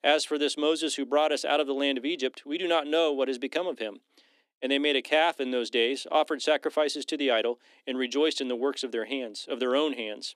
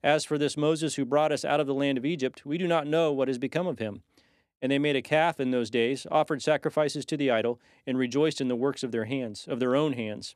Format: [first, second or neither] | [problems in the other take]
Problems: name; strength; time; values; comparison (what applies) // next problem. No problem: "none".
second | thin; very slightly; fading below 250 Hz